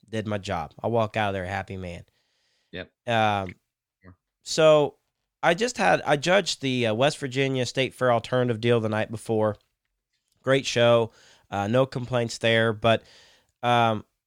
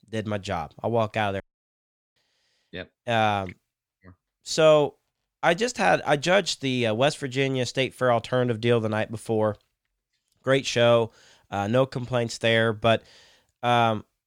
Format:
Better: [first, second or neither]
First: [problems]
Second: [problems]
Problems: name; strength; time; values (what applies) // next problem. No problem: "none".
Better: first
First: none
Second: audio cutting out; at 1.5 s for 1 s